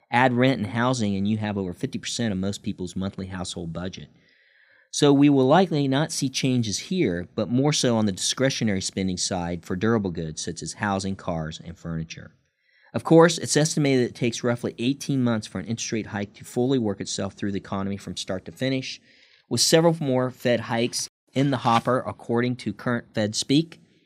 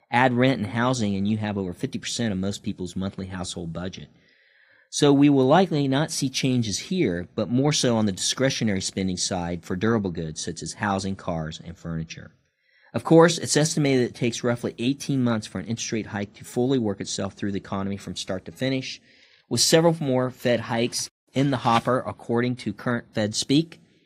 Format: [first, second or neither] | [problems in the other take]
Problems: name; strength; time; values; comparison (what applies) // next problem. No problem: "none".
first | garbled, watery; slightly; nothing above 15.5 kHz